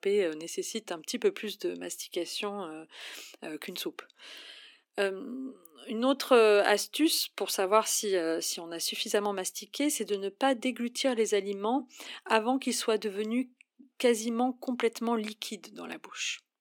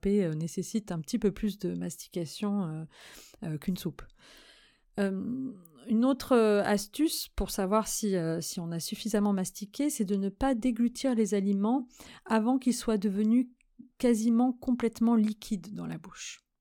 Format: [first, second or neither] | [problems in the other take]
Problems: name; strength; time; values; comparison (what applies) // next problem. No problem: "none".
second | thin; somewhat; fading below 300 Hz